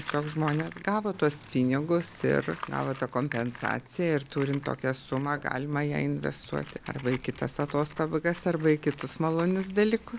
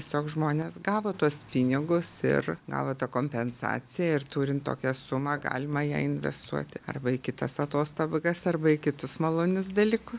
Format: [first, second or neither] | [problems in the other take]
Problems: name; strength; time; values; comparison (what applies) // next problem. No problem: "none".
second | background sound (Tools); 17 dB below the speech